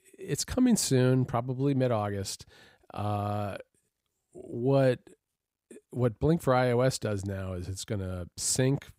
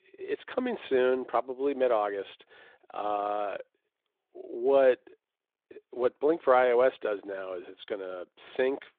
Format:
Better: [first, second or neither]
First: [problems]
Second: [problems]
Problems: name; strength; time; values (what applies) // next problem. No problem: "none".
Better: first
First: none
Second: phone-call audio; nothing above 3.5 kHz